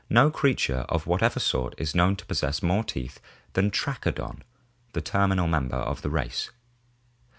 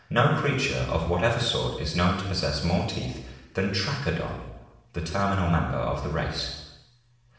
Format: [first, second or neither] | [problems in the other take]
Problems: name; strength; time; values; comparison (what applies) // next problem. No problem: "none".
first | room echo; dies away in 0.9 s